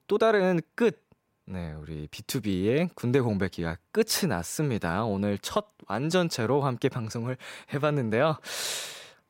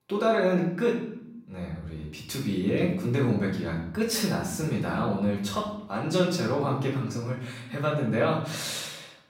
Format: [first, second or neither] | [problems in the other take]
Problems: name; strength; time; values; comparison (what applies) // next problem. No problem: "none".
first | room echo; noticeable; dies away in 0.7 s // off-mic speech; far